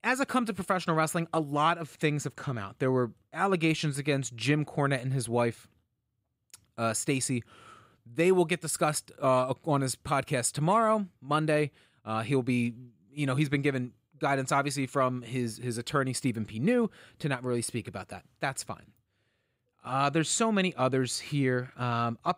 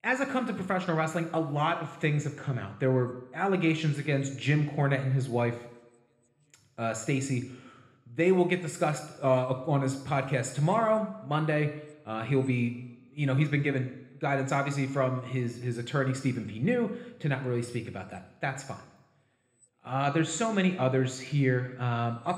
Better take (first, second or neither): first